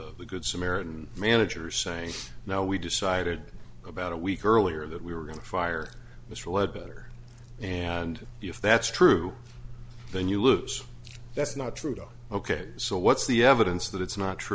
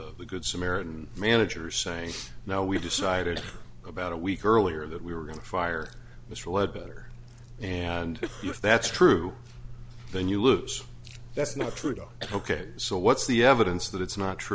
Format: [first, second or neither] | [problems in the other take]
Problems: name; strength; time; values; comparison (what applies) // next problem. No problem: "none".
first | background sound (Cough); 11 dB below the speech